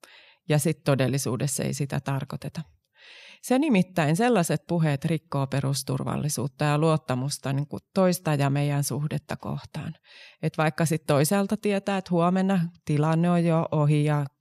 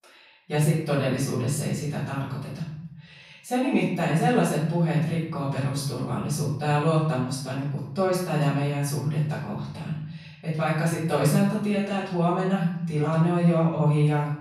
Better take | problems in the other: first | room echo; noticeable; dies away in 0.8 s // off-mic speech; far

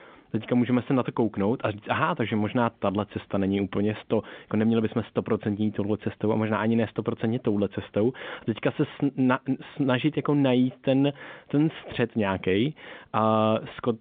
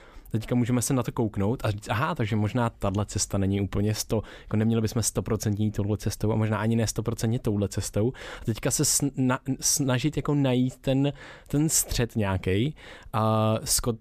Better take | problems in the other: second | phone-call audio

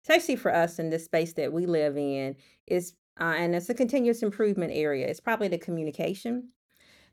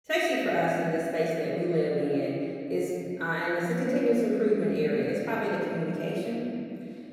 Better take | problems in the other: first | off-mic speech; far // room echo; strong; dies away in 2.9 s

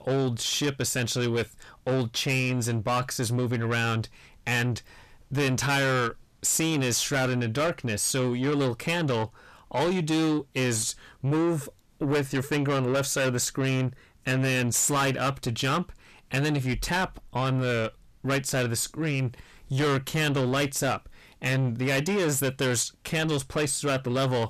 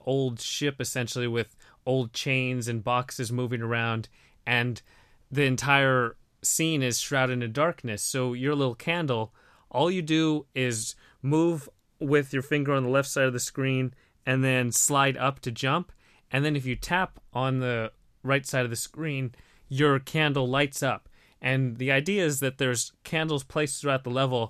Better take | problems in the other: second | distortion; heavy; 7 dB below the speech

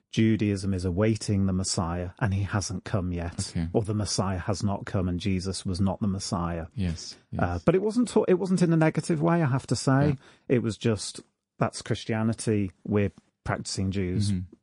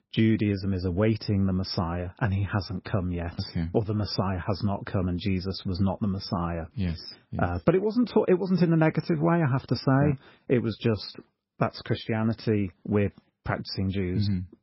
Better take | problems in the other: first | garbled, watery; badly; nothing above 5.5 kHz; slightly in the first

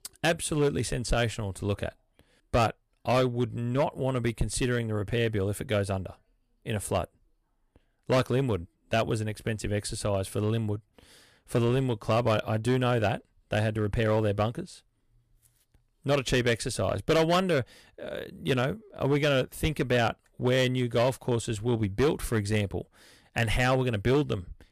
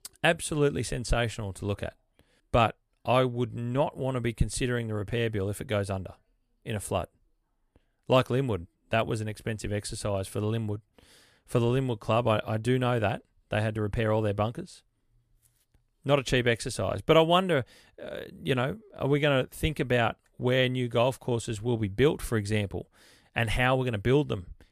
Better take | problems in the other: second | distortion; slight; 4% of the sound clipped

